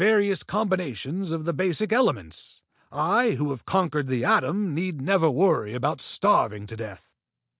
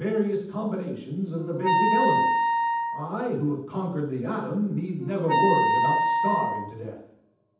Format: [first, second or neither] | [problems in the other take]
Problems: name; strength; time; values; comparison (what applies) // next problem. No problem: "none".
first | background sound (Wind instrument, woodwind instrument); 2 dB above the speech // room echo; dies away in 0.8 s